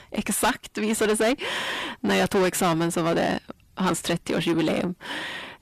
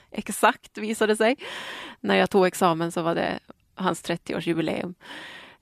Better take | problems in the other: second | distortion; heavy; 6 dB below the speech

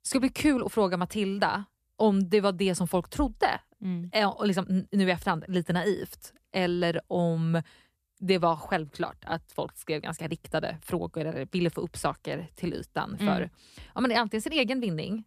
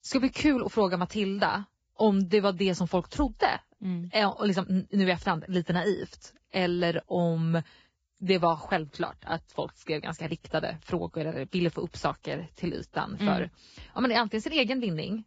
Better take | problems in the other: first | garbled, watery; badly; nothing above 7.5 kHz

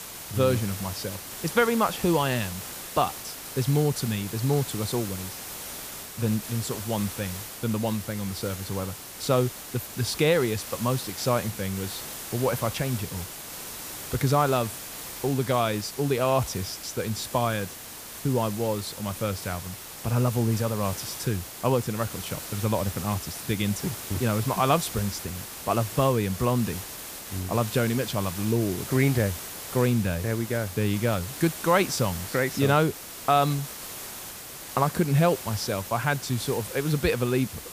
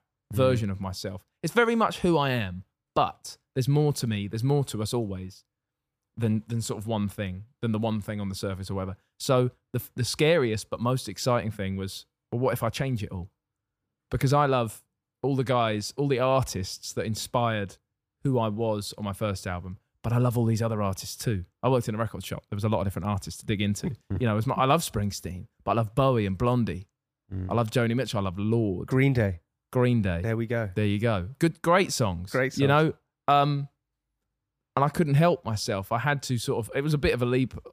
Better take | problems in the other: second | hiss; loud; throughout; 9 dB below the speech

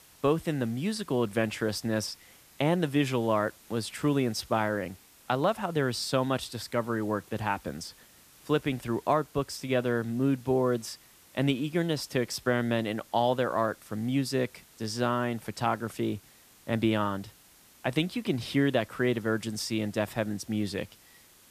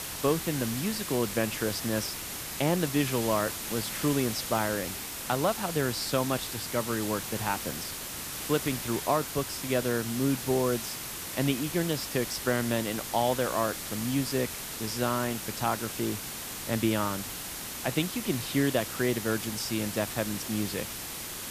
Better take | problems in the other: first | hiss; loud; throughout; 4 dB below the speech; faint in the first

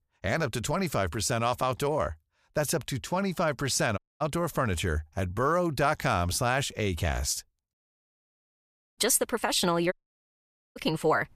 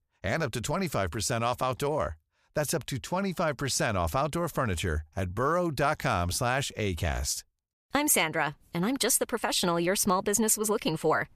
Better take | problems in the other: second | audio cutting out; at 4 s, at 8 s for 1 s and at 10 s for 1 s

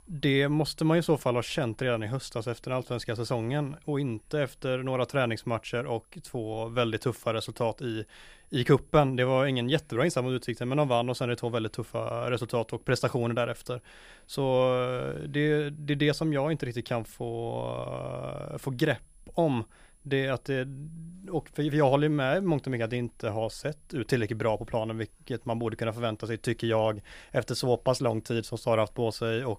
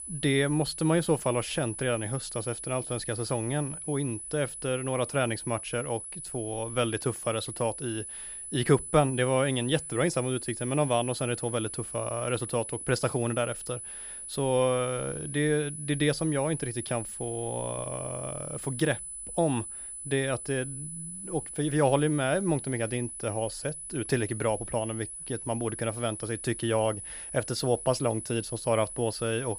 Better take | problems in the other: first | high-pitched whine; loud; throughout; 10 kHz, 7 dB below the speech; faint in the first

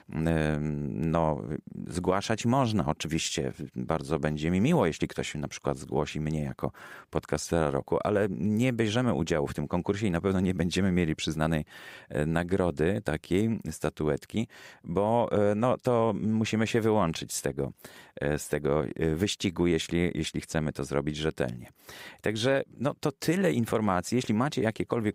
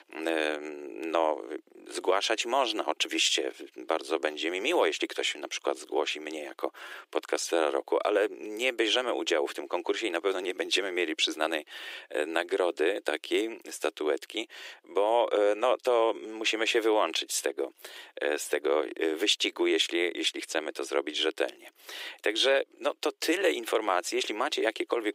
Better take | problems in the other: first | thin; very; fading below 350 Hz

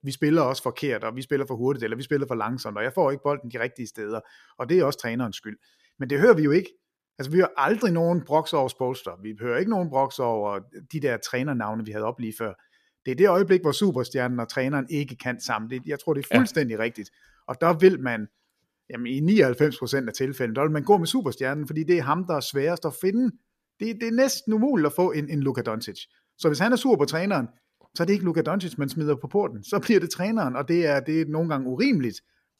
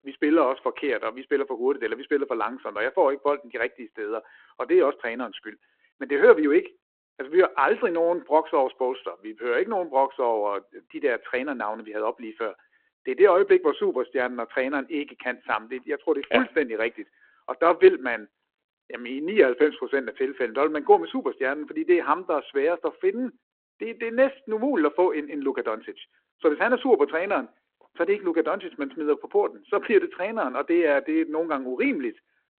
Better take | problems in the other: first | phone-call audio

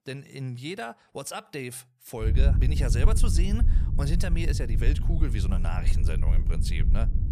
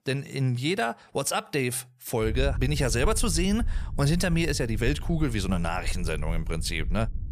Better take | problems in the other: second | low rumble; loud; from 2.5 s on; 6 dB below the speech; faint in the second

